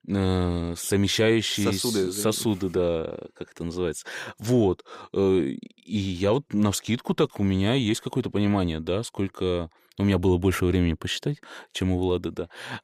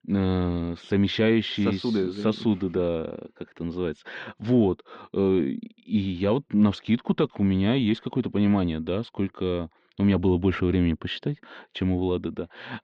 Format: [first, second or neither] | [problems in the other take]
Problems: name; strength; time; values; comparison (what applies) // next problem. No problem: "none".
first | muffled; slightly; fading above 4 kHz